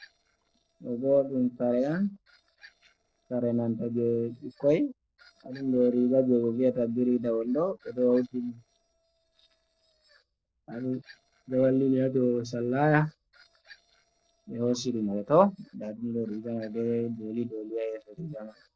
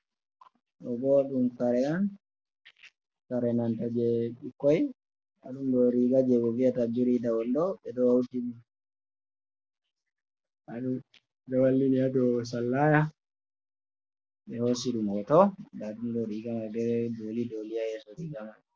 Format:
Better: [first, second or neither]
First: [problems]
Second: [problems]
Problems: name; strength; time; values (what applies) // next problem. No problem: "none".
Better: second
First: noise reduction (neural separator model SepFormer DNS4)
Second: none